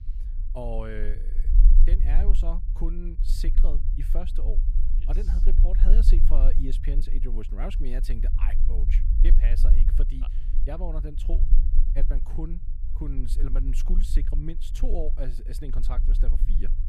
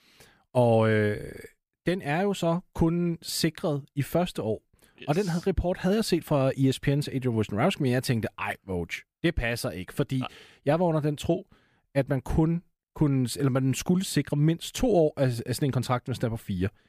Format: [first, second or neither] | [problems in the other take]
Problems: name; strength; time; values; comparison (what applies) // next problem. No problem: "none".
second | low rumble; loud; throughout; 8 dB below the speech